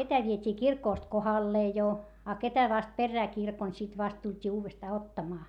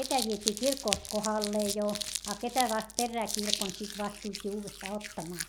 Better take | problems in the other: first | background sound (Crumpling, crinkling); 4 dB below the speech

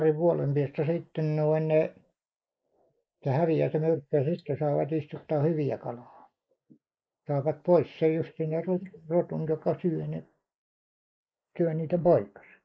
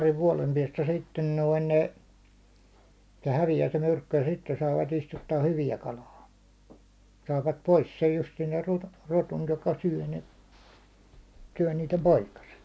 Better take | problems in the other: second | noise reduction (neural mask model Resemble Enhance denoiser)

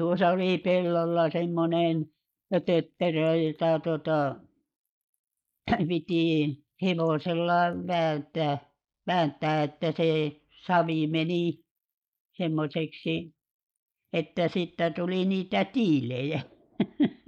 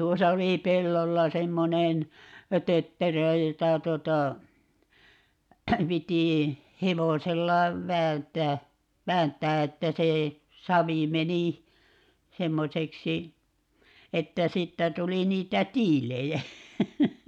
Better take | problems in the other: second | noise reduction (neural mask model Resemble Enhance denoiser)

